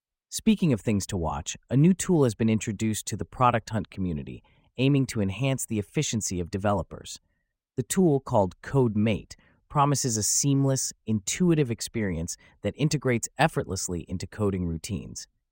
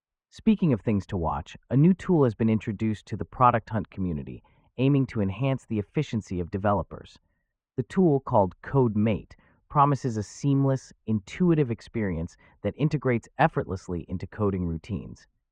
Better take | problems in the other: first | muffled; very; fading above 2 kHz

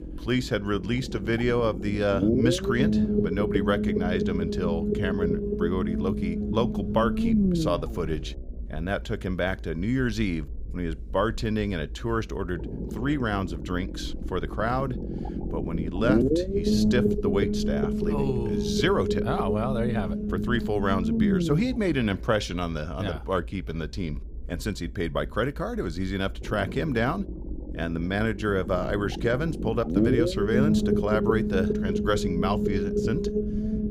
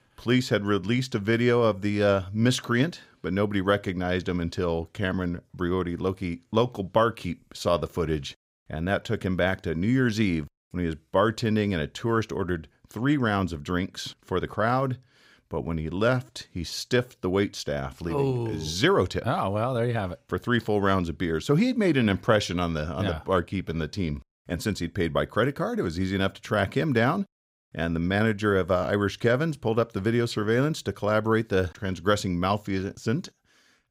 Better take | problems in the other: second | low rumble; loud; throughout; 2 dB below the speech

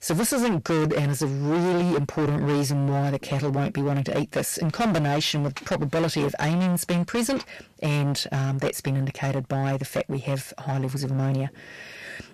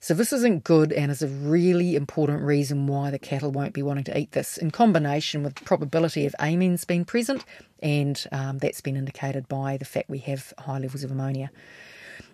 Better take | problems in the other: second | distortion; heavy; 23% of the sound clipped

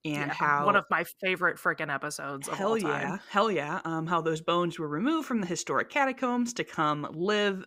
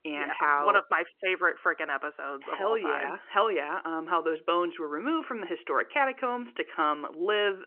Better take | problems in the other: first | phone-call audio; nothing above 3 kHz

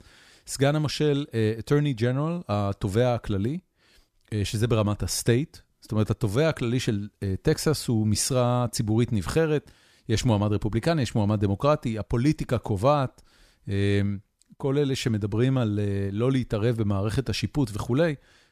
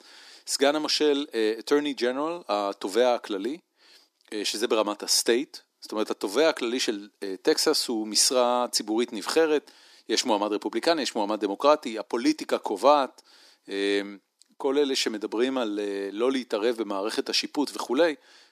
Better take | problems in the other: first | thin; somewhat; fading below 250 Hz

